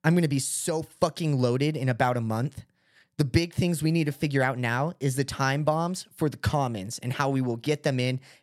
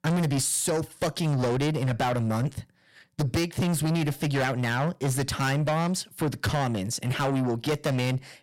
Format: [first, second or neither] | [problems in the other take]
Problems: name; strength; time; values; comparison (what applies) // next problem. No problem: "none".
first | distortion; heavy; 6 dB below the speech